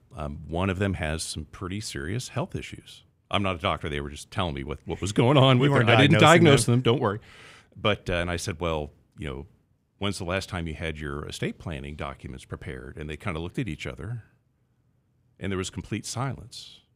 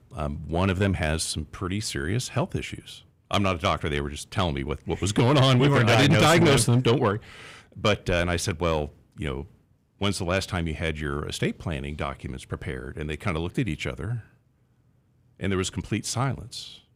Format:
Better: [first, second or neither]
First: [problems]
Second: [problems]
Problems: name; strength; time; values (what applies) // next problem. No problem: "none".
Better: first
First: none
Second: distortion; heavy; 8 dB below the speech